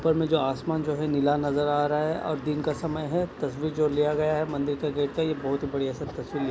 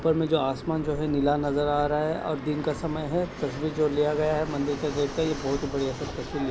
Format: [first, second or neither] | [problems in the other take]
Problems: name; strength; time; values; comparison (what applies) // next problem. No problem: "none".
first | background sound (Fixed-wing aircraft, airplane); 13 dB below the speech